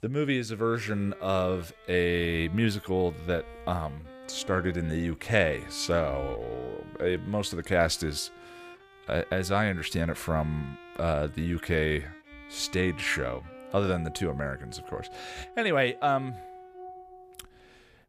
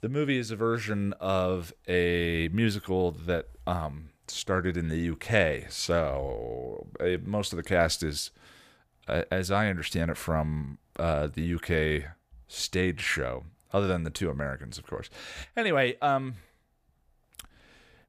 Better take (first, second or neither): second